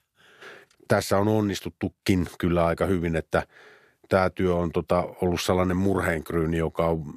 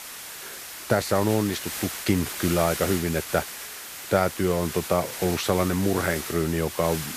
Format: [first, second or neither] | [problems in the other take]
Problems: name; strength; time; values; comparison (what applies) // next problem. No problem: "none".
first | hiss; loud; throughout; 8 dB below the speech